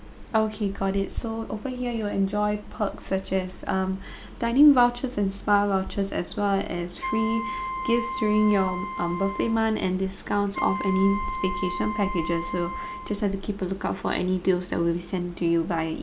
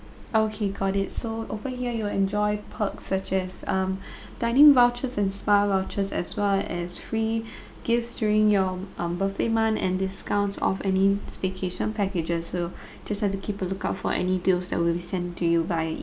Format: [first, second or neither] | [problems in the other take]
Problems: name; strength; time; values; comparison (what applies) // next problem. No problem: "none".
second | background sound (Wind instrument, woodwind instrument); 8 dB below the speech